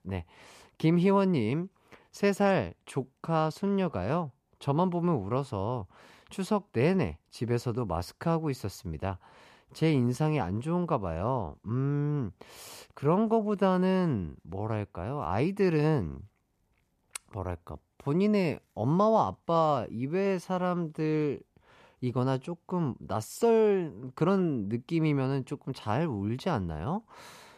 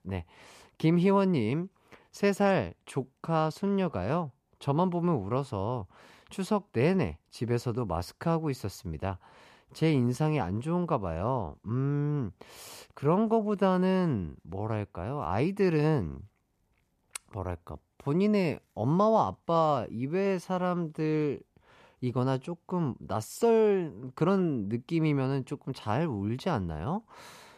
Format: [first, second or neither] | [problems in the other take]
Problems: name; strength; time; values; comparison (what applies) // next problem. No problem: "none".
neither | none